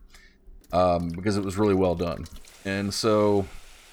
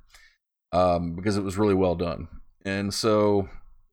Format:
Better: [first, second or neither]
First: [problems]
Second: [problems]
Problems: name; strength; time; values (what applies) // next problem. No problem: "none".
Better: second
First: household noises; faint; throughout; 25 dB below the speech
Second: none